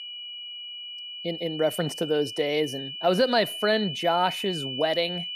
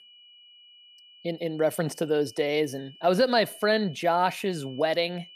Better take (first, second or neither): second